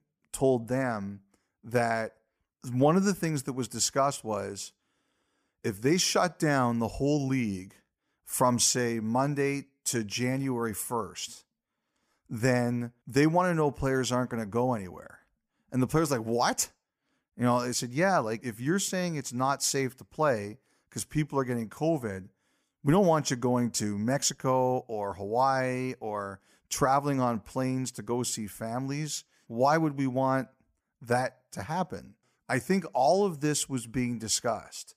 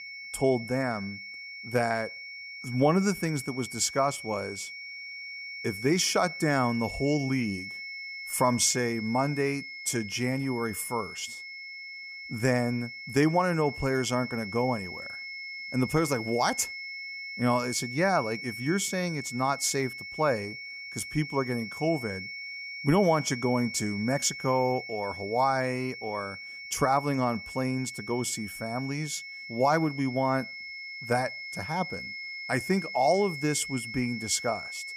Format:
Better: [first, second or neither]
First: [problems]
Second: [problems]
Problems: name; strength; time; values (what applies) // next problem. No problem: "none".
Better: first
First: none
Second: high-pitched whine; loud; throughout; 2 kHz, 9 dB below the speech